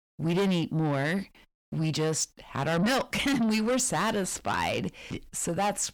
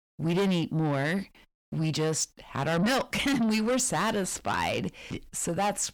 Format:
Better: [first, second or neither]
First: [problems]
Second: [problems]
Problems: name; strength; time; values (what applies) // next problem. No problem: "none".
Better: neither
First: distortion; heavy; 6 dB below the speech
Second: distortion; heavy; 6 dB below the speech